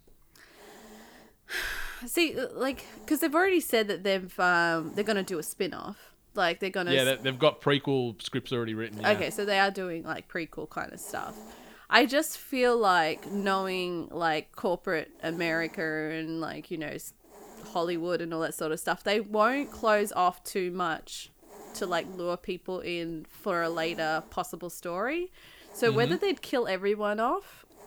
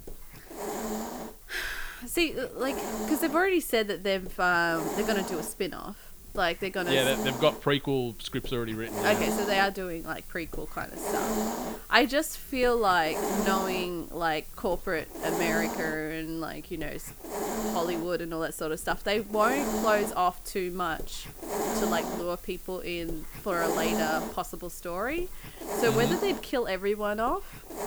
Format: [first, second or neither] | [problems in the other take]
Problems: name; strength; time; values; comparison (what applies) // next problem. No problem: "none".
first | hiss; loud; throughout; 5 dB below the speech; faint in the first